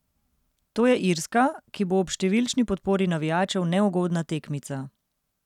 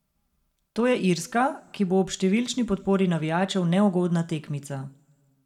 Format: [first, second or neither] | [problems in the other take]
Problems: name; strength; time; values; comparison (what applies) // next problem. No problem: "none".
first | room echo; dies away in 0.5 s